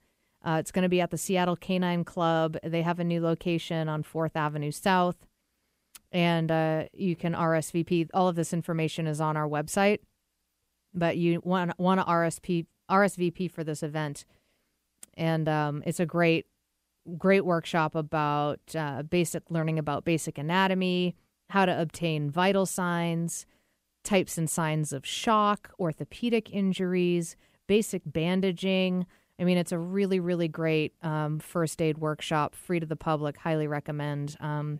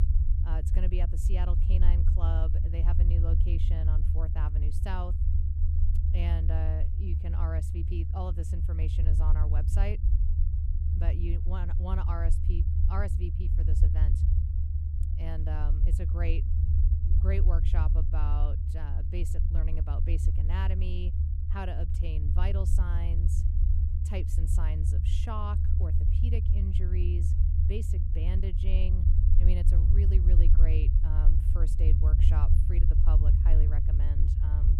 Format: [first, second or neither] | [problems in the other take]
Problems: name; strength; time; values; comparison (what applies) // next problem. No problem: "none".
first | low rumble; loud; throughout; 2 dB below the speech